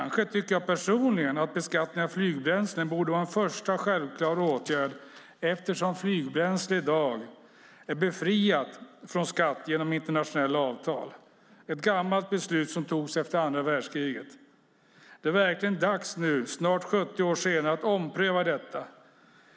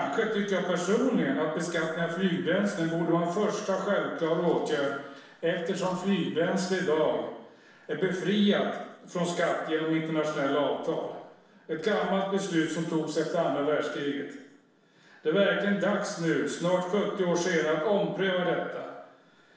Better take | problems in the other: first | room echo; dies away in 0.8 s

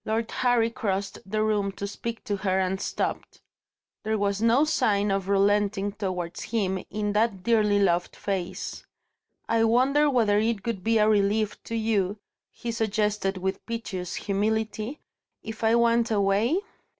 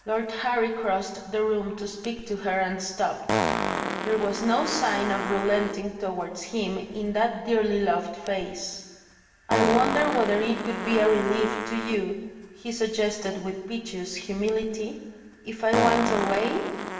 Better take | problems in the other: first | background sound (Fart); 6 dB below the speech // room echo; dies away in 1.4 s

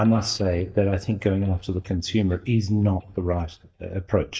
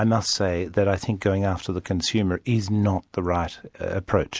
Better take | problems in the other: second | noise reduction (neural mask model DeepFilterNet 3)

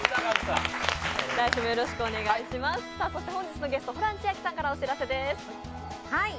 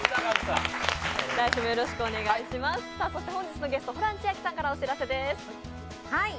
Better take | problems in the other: second | background sound (Animal); 17 dB below the speech

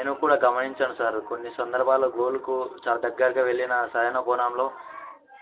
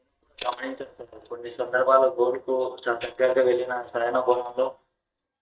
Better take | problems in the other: first | noise reduction (neural mask model DeepFilterNet 3)

